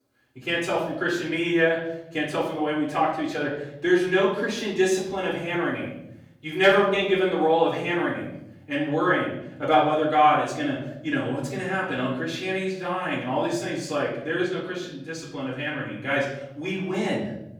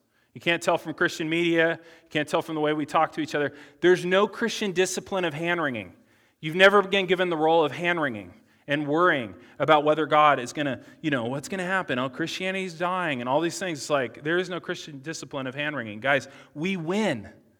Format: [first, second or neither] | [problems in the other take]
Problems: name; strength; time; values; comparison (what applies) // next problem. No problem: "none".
second | off-mic speech; far // room echo; noticeable; dies away in 0.9 s